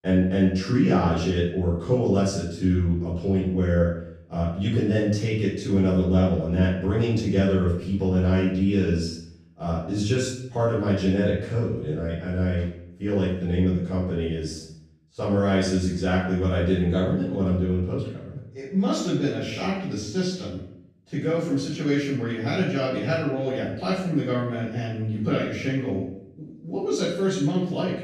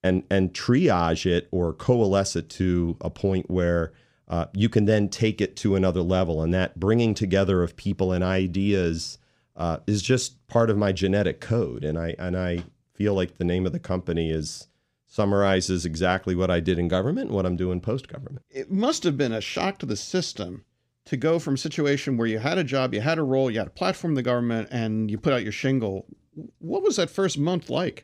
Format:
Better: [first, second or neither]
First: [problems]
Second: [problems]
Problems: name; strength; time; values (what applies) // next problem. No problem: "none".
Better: second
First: room echo; noticeable; dies away in 0.6 s // off-mic speech; far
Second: none